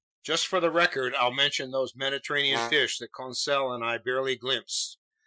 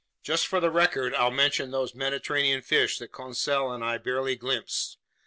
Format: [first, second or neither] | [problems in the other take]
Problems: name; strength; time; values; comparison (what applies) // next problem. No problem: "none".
second | noise reduction (classical method Wiener filter)